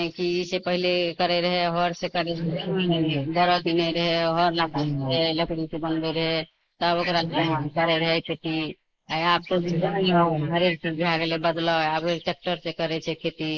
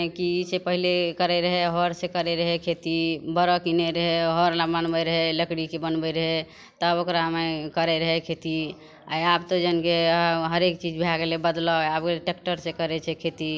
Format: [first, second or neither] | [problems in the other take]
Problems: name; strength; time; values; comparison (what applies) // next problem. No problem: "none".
second | noise reduction (neural mask model Resemble Enhance denoiser)